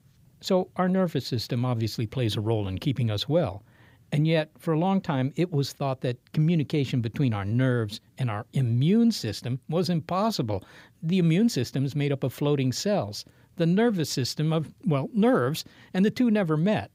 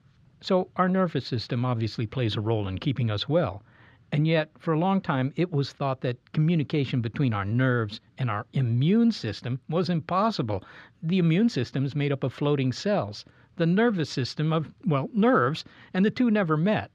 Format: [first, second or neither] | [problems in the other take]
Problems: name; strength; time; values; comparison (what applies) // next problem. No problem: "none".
first | muffled; very slightly; fading above 3.5 kHz